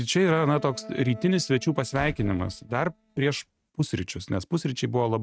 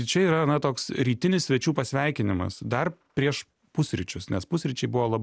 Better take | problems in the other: second | noise reduction (neural mask model RNNoise)

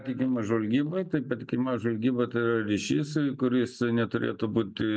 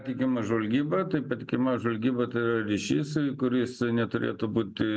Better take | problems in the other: second | noise reduction (neural mask model DeepFilterNet 3)

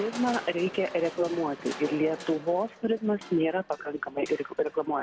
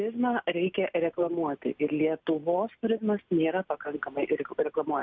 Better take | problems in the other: second | background sound (Crushing); 15 dB below the speech

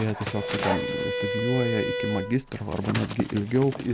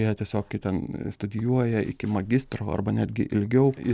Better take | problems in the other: second | background sound (Bowed string instrument + Dog); 3 dB below the speech

